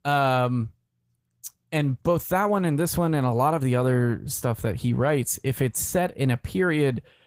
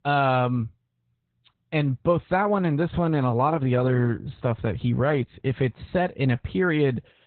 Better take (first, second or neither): first